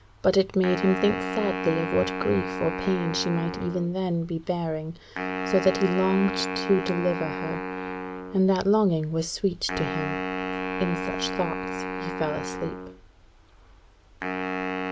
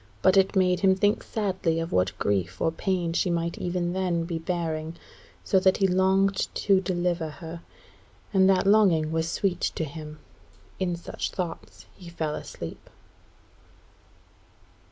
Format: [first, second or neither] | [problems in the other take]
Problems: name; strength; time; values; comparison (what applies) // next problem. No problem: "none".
second | background sound (Wind instrument, woodwind instrument); 5 dB below the speech